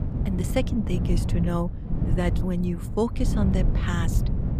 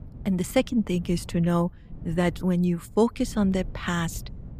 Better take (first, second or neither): second